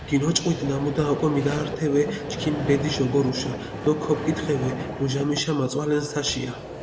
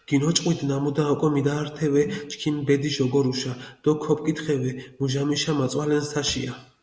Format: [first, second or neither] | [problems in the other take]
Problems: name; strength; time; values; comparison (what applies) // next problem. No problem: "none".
second | background sound (Vehicle); 8 dB below the speech